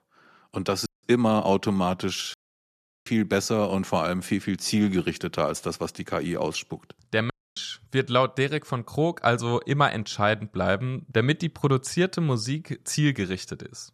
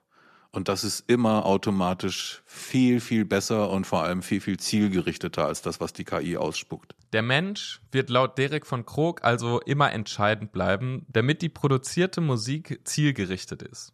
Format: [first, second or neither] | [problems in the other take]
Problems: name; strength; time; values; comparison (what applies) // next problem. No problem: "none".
second | audio cutting out; at 1 s, at 2.5 s for 0.5 s and at 7.5 s